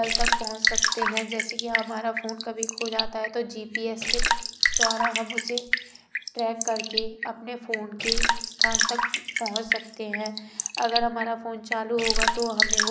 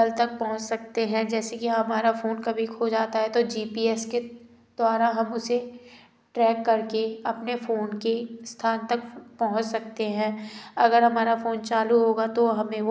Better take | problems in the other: second | background sound (Raindrop / Drip); 4 dB above the speech

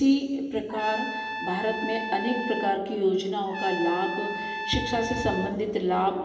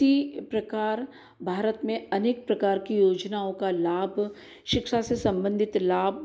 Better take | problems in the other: second | background sound (Trumpet); 7 dB below the speech // room echo; dies away in 2.4 s

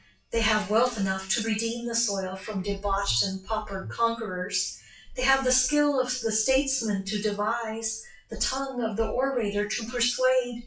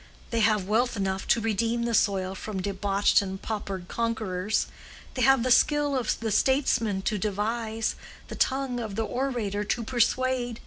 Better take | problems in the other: second | noise reduction (classical method WPE with log-MMSE)

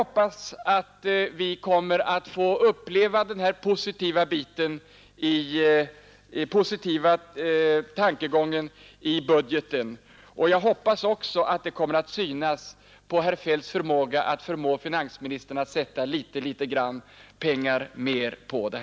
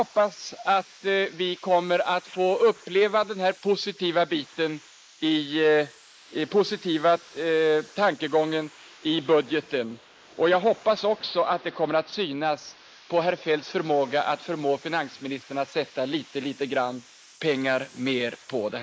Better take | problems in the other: first | noise reduction (neural mask model Resemble Enhance denoiser)

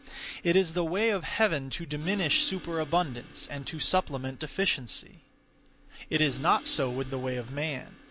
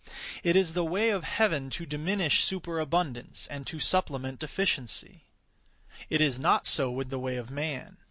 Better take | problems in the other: second | background sound (Crash cymbal); 19 dB below the speech

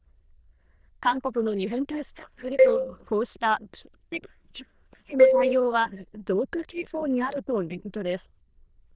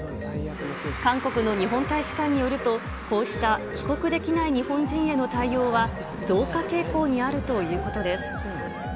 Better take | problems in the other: second | noise reduction (neural diffusion model UNIVERSE++)

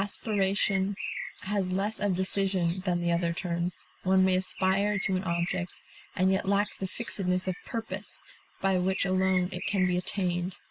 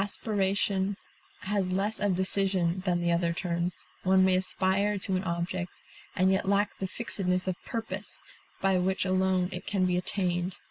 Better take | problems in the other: second | background sound (Bird); 13 dB below the speech

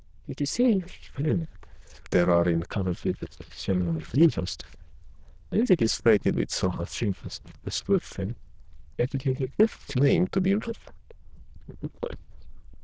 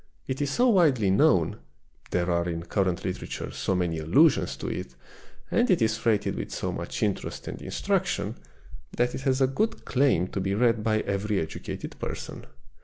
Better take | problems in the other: second | noise reduction (neural diffusion model UNIVERSE++)

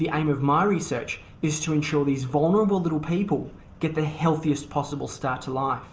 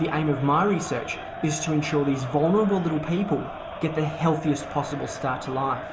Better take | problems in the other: first | background sound (Crowd); 11 dB below the speech

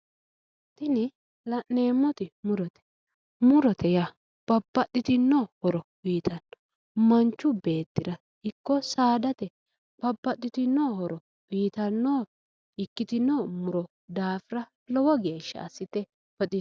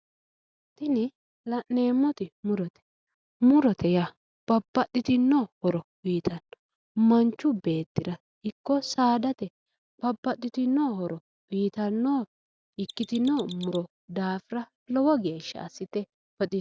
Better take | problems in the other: first | background sound (Mechanisms); 18 dB below the speech

